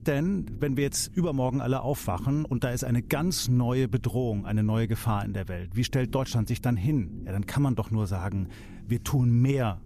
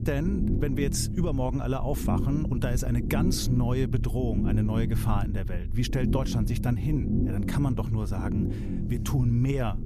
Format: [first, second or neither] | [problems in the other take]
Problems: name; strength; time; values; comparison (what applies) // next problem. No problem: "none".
first | low rumble; loud; throughout; 5 dB below the speech; faint in the first